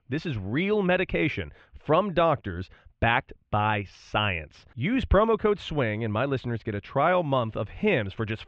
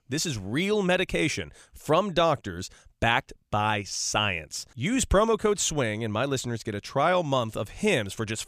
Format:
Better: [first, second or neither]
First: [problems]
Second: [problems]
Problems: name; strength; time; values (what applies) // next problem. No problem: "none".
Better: second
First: muffled; very; fading above 3 kHz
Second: none